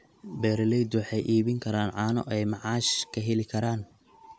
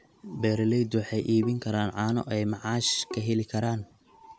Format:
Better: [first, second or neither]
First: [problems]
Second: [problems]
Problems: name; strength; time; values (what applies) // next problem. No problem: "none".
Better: first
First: none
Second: background sound (Bowed string instrument); 18 dB below the speech